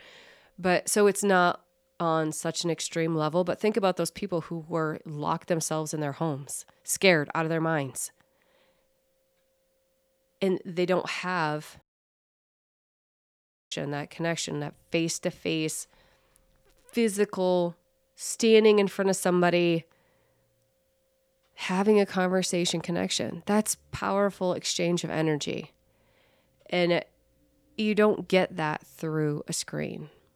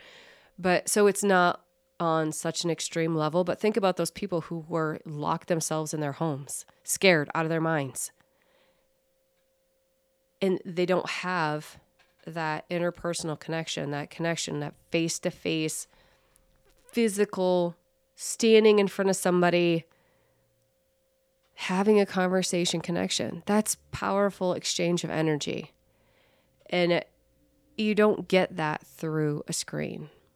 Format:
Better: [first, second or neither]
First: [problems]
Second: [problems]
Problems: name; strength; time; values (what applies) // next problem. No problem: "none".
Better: second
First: audio cutting out; at 12 s for 2 s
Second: none